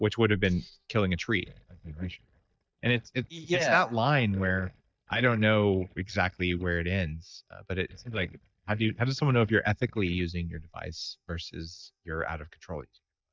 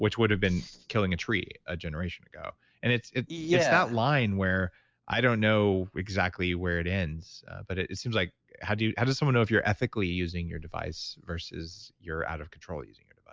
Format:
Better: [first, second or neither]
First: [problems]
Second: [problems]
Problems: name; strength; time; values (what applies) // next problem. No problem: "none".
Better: second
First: noise reduction (neural mask model DeepFilterNet 3)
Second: none